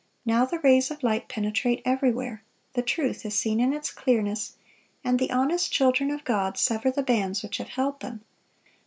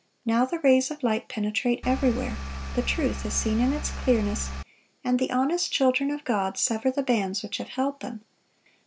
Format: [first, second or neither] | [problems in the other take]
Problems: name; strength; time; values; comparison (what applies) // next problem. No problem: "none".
first | background sound (Engine); 6 dB below the speech